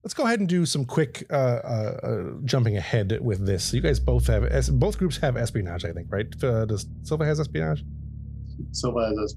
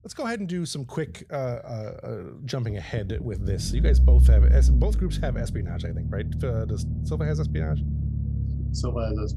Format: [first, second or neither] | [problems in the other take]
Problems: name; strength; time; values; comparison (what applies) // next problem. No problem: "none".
first | low rumble; loud; throughout; 6 dB below the speech; faint in the first